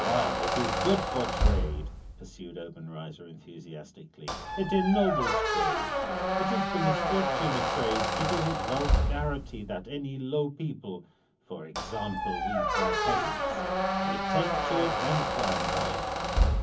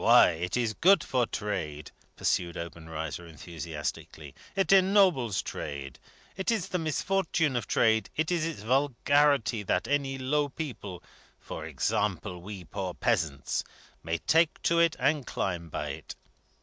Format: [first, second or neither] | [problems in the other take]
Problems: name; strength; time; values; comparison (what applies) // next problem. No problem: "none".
second | background sound (Squeak); 4 dB above the speech // room echo; dies away in 0.3 s